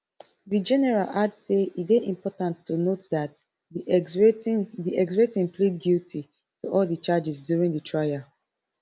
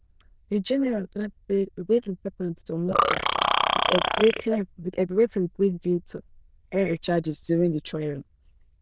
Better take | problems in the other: first | noise reduction (neural diffusion model UNIVERSE++)

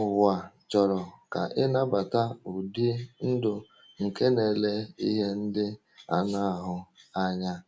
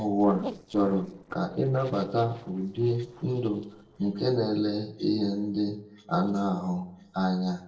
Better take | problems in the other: first | noise reduction (neural separator model SepFormer DNS4)

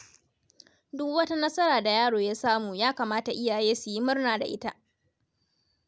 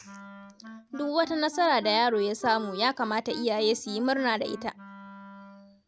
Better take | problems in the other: first | background sound (Wind instrument, woodwind instrument); 16 dB below the speech

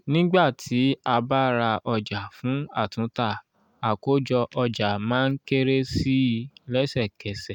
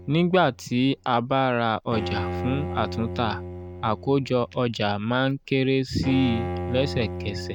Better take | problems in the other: first | background sound (Bowed string instrument); 9 dB below the speech

